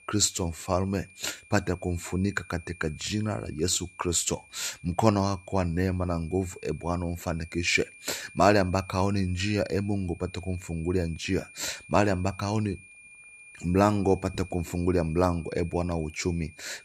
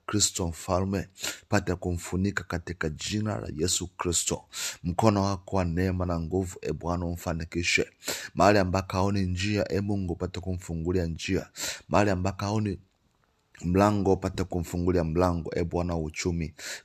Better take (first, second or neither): second